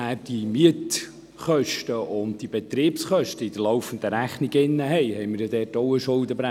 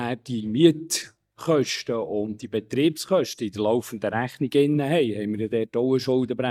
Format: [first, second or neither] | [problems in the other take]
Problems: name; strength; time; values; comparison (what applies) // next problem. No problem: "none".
first | noise reduction (neural mask model DeepFilterNet 3)